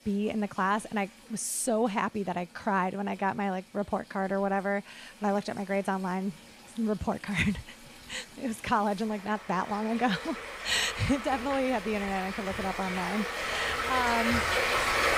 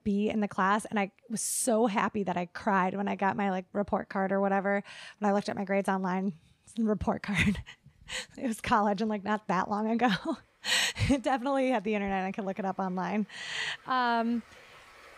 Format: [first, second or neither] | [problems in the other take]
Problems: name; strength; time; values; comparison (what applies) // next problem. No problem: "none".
second | rain or running water; loud; throughout; 1 dB below the speech; faint in the second